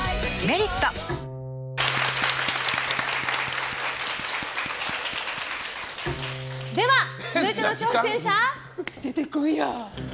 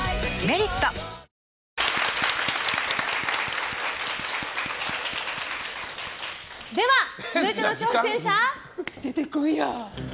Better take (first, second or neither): second